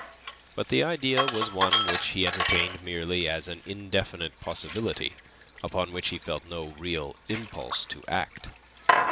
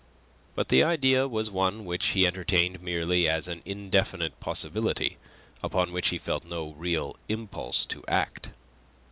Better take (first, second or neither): second